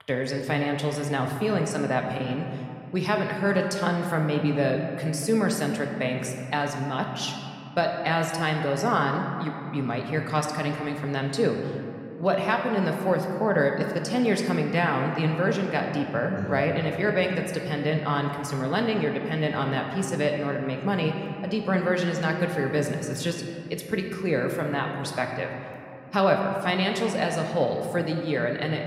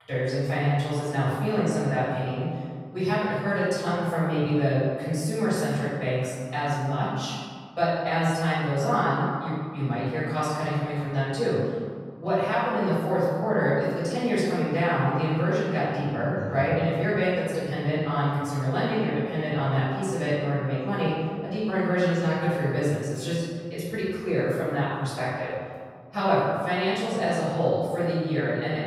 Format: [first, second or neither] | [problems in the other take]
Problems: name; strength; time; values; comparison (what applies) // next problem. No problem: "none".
first | room echo; strong; dies away in 1.9 s; slight in the first // off-mic speech; far